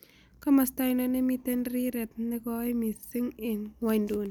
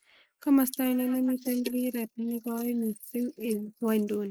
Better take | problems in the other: first | noise reduction (neural mask model Resemble Enhance denoiser)

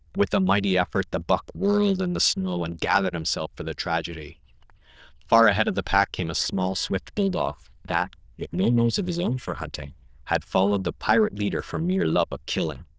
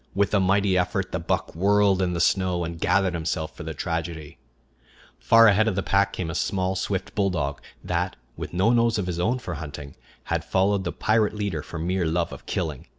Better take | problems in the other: second | noise reduction (neural diffusion model UNIVERSE++)

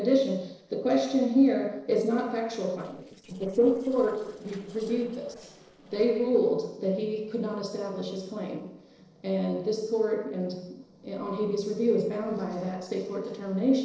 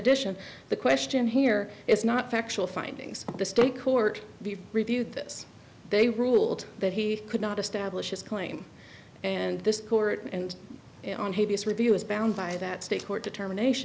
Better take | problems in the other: second | noise reduction (neural separator model SepFormer DNS4)

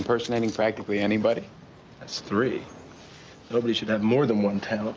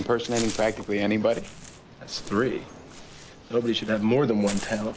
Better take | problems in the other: first | background sound (Walk, footsteps / Bird); 14 dB below the speech

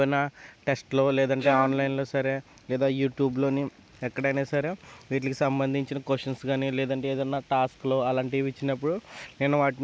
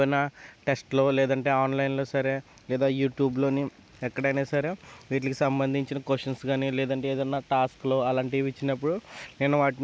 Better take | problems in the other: second | noise reduction (neural mask model Resemble Enhance denoiser)

